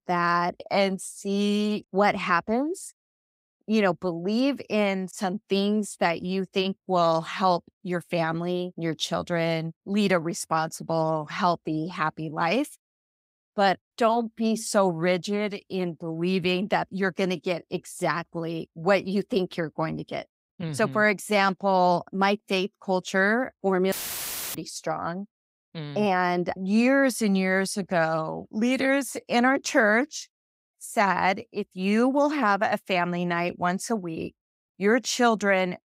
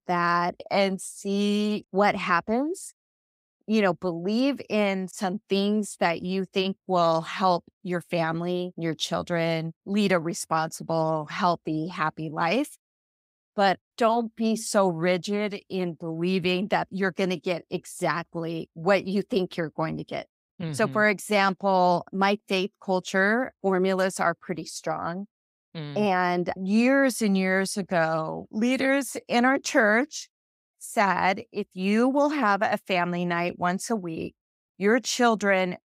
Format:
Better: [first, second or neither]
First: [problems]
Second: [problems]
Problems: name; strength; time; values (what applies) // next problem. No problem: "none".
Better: second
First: audio cutting out; filled with static; at 24 s for 0.5 s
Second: none